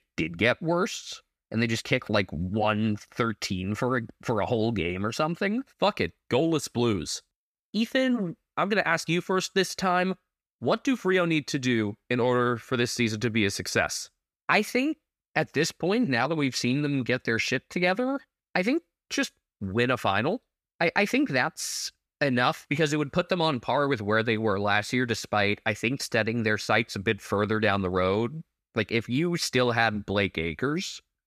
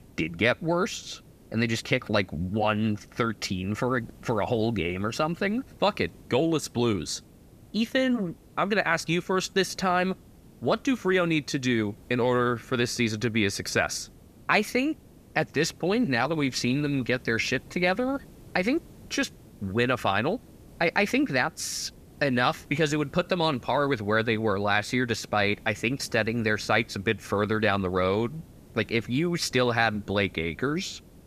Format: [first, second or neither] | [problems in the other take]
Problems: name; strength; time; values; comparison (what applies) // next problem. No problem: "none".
first | hiss; faint; throughout; 25 dB below the speech